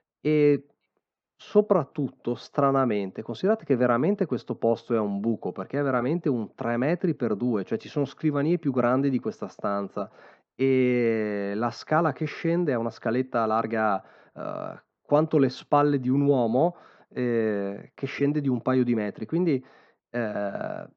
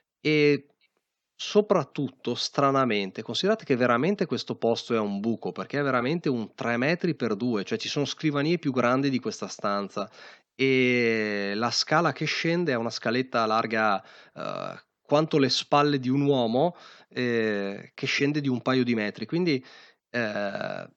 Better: second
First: muffled; very; fading above 2 kHz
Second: none

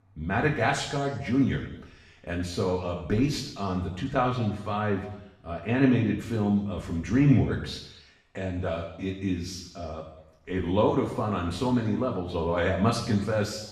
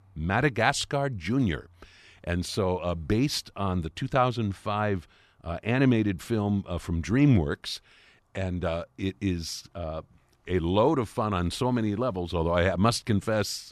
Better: second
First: room echo; noticeable; dies away in 0.8 s // off-mic speech; far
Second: none

